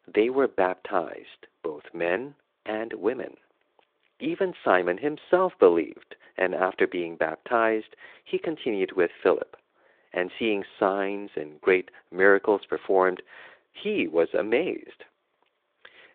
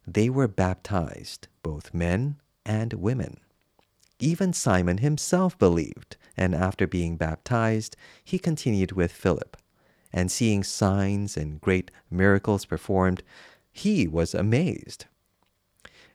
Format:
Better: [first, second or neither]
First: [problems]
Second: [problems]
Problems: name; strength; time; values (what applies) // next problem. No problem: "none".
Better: second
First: phone-call audio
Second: none